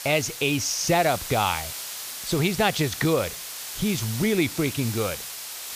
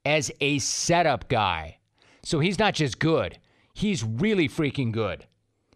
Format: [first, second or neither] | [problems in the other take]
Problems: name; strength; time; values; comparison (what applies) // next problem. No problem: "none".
second | hiss; loud; throughout; 8 dB below the speech